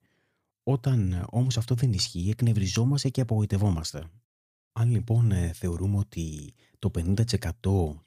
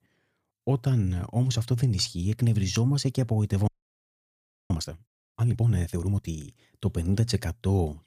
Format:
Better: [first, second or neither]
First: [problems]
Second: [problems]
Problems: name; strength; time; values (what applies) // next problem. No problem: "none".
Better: first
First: none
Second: audio freezing; at 3.5 s for 1 s